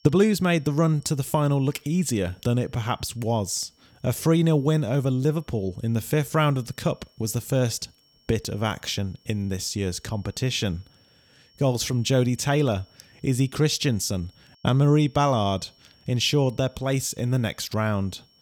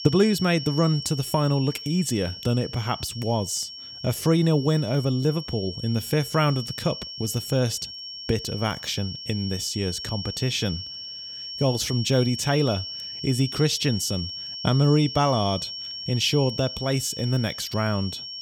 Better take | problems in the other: first | high-pitched whine; loud; throughout; 5.5 kHz, 8 dB below the speech; faint in the first

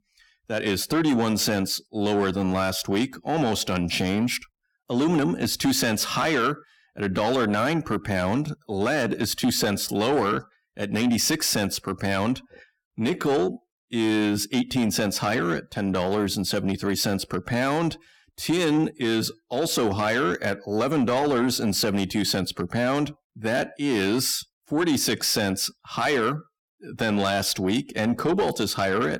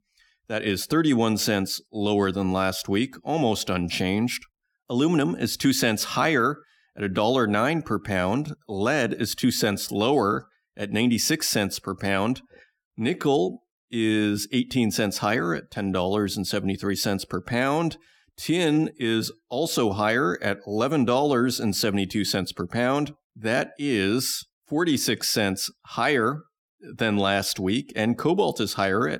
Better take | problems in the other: second | distortion; slight; 10 dB below the speech

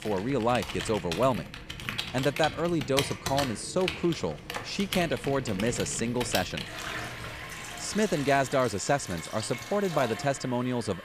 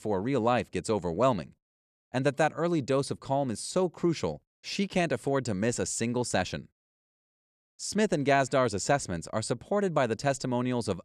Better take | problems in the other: second | household noises; loud; throughout; 7 dB below the speech

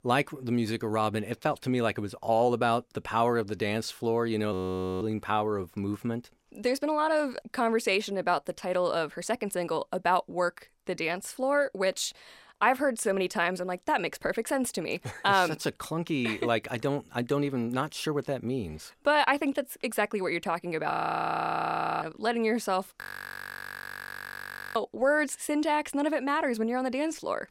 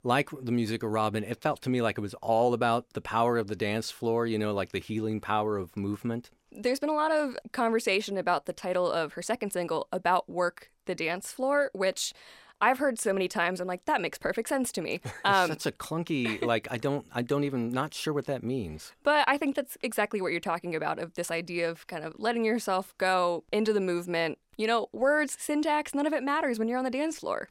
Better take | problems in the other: second | audio freezing; at 4.5 s, at 21 s for 1 s and at 23 s for 1.5 s

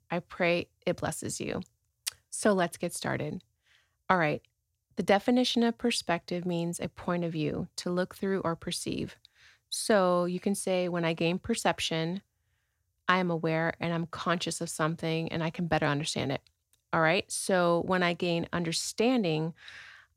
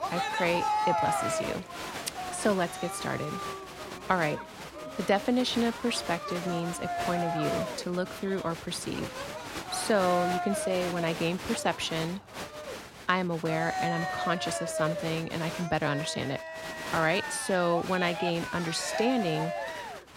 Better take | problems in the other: first | crowd noise; loud; throughout; 4 dB below the speech

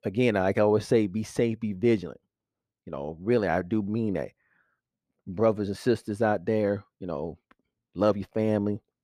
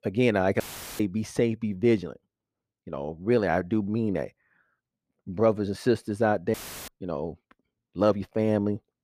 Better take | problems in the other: first | audio cutting out; filled with static; at 0.5 s and at 6.5 s

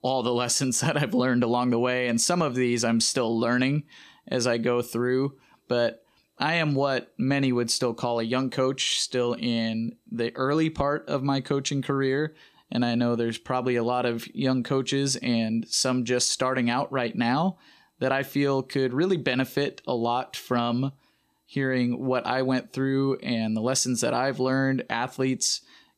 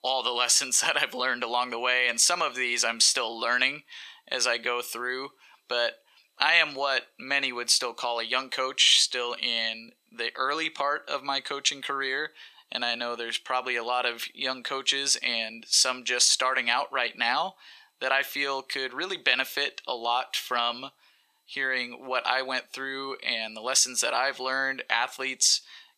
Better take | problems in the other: first | thin; very; fading below 900 Hz

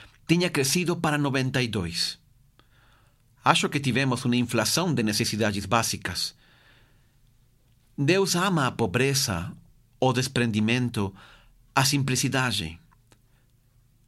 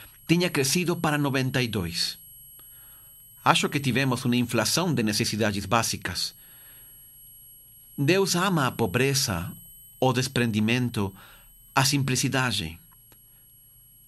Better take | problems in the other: first | high-pitched whine; faint; throughout; 11.5 kHz, 25 dB below the speech

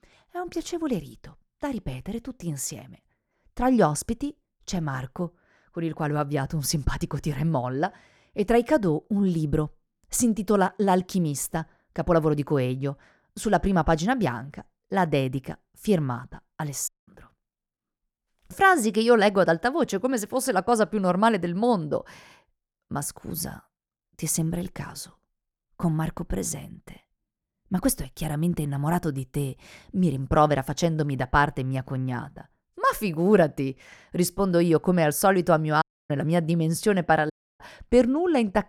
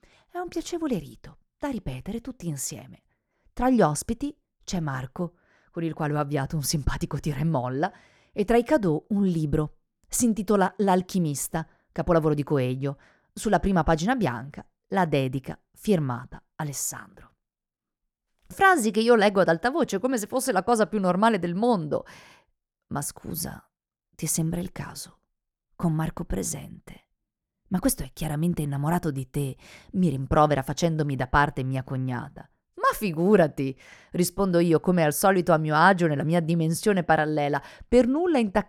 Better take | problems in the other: second | audio cutting out; at 17 s, at 36 s and at 37 s

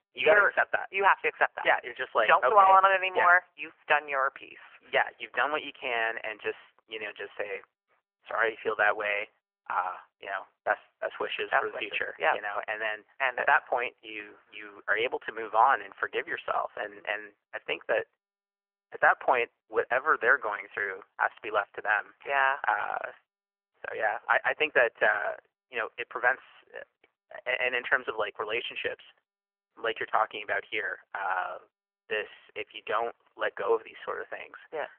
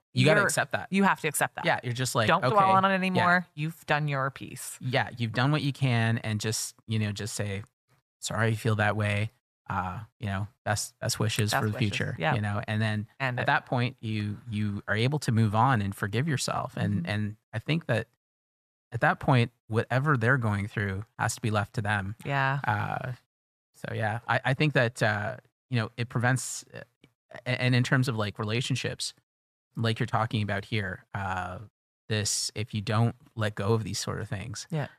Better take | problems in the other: second | phone-call audio; nothing above 3 kHz

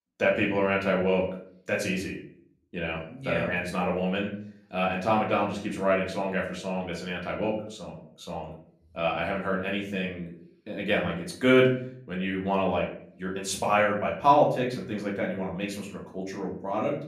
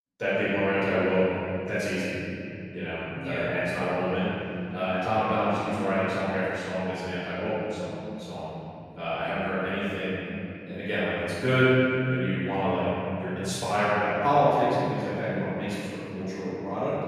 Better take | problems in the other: first | room echo; strong; dies away in 3 s; slight in the first // off-mic speech; far; far in the first

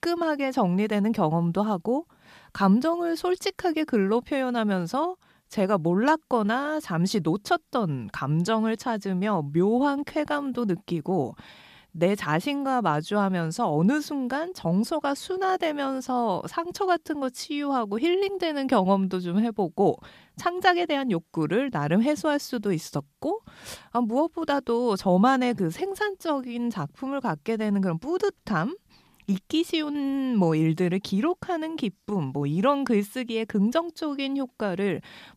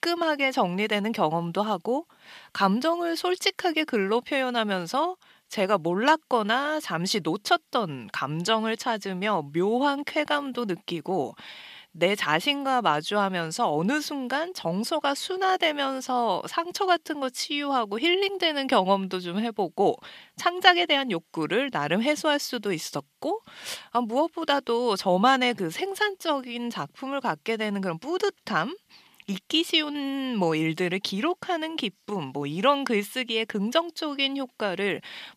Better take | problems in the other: first | thin; very slightly; fading below 500 Hz

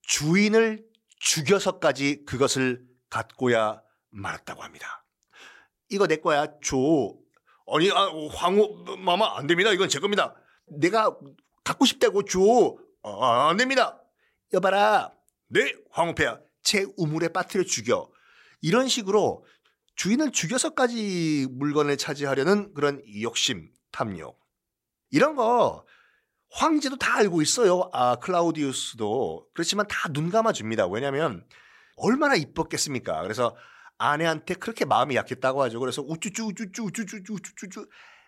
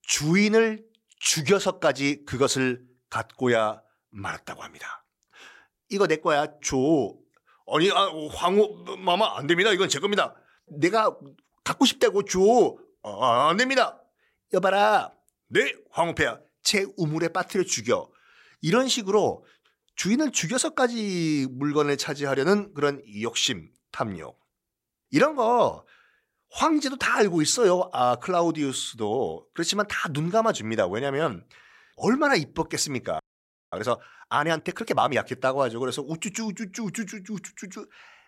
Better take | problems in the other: first | audio freezing; at 33 s for 0.5 s

